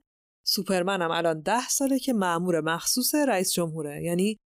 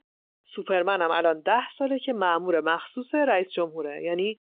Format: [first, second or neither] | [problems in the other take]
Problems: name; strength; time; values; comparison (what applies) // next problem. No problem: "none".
first | phone-call audio